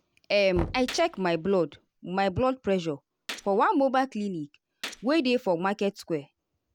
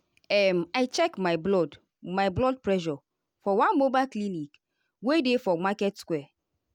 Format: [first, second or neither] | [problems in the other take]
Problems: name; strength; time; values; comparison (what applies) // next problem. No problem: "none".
second | background sound (Gunshot, gunfire + Knock); 15 dB below the speech